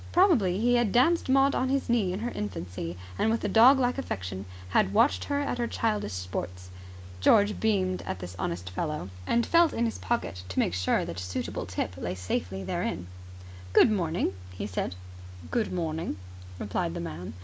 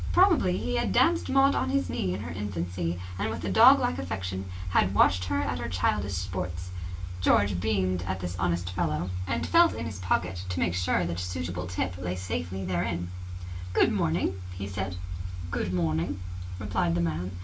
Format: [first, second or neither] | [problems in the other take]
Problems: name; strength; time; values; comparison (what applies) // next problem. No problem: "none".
first | background sound (Bird); 10 dB below the speech // room echo; dies away in 0.1 s